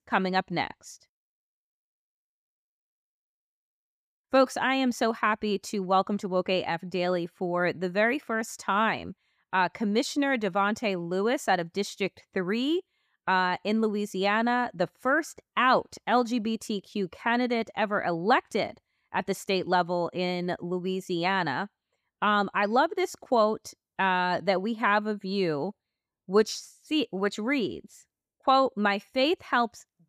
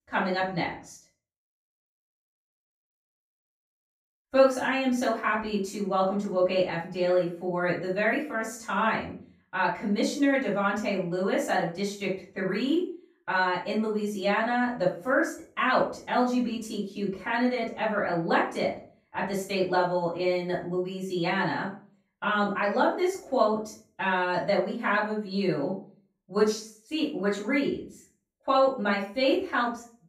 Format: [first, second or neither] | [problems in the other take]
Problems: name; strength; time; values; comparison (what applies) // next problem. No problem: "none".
first | off-mic speech; far // room echo; noticeable; dies away in 0.4 s